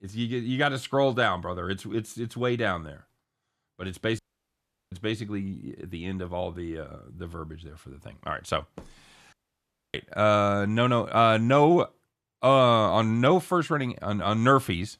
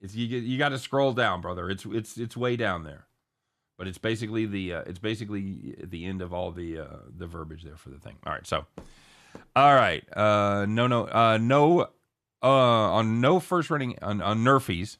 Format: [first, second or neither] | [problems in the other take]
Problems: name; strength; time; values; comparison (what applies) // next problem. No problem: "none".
second | audio cutting out; at 4 s for 0.5 s and at 9.5 s for 0.5 s